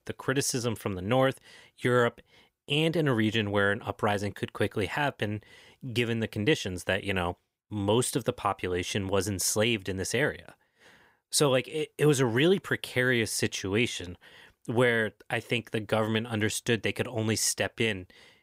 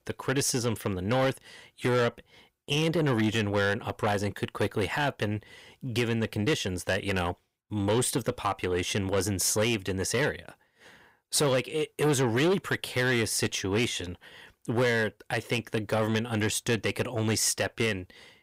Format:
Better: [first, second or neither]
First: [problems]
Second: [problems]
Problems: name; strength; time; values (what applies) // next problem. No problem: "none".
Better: first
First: none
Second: distortion; slight; 10 dB below the speech